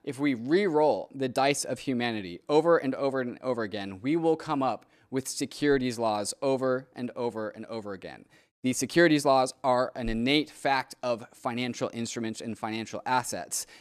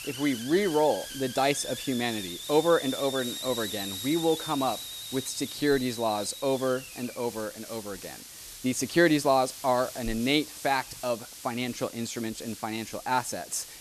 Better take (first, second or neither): first